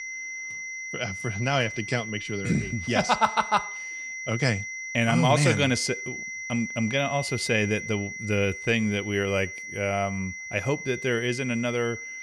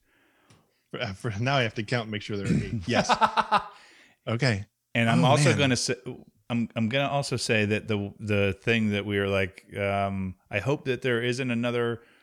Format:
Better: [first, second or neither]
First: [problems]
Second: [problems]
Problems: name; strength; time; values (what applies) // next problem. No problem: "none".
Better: second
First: high-pitched whine; loud; throughout; 2 kHz, 8 dB below the speech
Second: none